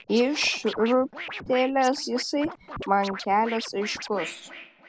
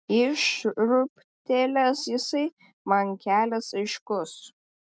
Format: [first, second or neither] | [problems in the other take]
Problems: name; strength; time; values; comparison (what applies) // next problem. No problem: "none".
second | background sound (Scratching (performance technique)); 13 dB below the speech